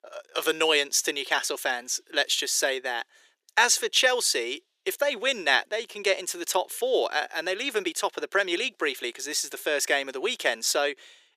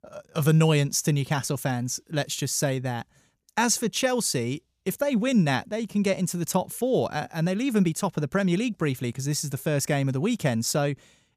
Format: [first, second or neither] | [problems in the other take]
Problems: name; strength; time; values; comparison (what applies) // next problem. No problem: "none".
second | thin; very; fading below 350 Hz